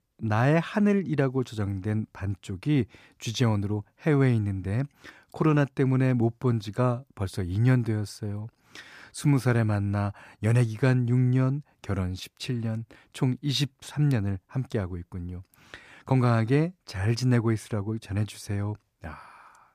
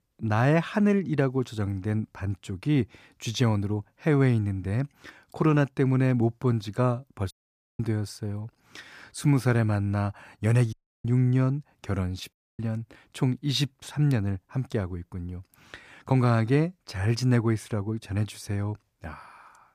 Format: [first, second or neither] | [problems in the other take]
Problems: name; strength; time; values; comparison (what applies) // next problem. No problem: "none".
first | audio cutting out; at 7.5 s, at 11 s and at 12 s